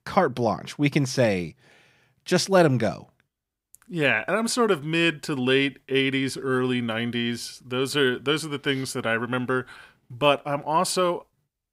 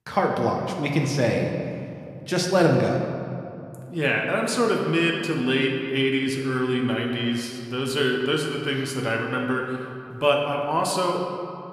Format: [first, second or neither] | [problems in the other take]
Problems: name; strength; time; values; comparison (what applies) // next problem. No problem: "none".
first | room echo; noticeable; dies away in 2 s